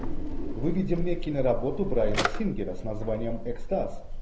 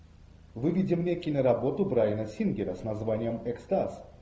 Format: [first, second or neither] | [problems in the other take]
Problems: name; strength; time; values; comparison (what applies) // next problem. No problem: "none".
second | background sound (Drawer open or close); 1 dB above the speech